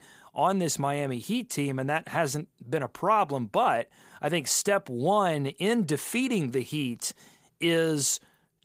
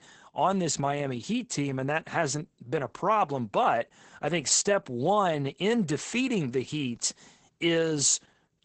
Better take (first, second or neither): first